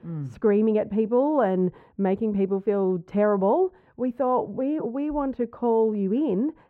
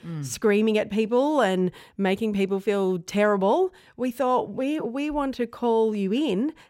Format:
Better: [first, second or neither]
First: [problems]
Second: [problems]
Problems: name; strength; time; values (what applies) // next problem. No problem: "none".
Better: second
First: muffled; very; fading above 2.5 kHz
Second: none